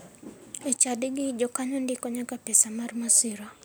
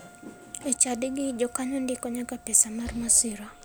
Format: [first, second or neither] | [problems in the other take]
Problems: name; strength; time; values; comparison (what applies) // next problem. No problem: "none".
first | background sound (Wind instrument, woodwind instrument + Slam); 20 dB below the speech